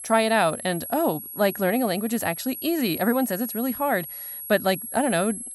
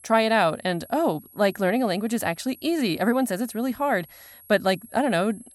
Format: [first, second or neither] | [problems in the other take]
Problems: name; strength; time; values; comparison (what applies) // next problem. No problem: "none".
second | high-pitched whine; loud; throughout; 11.5 kHz, 9 dB below the speech; faint in the second